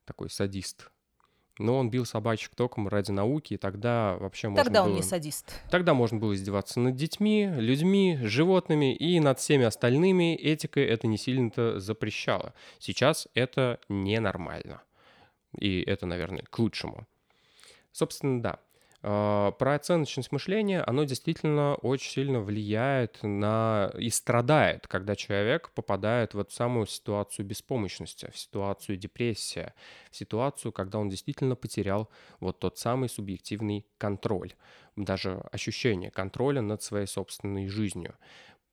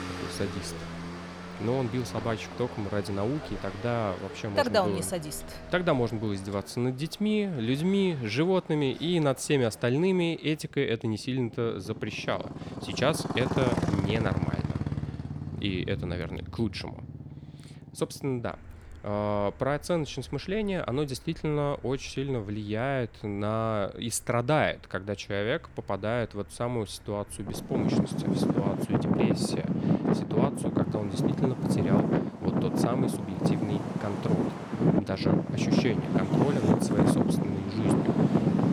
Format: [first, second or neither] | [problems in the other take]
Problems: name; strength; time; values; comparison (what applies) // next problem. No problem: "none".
first | traffic noise; very loud; throughout; 1 dB above the speech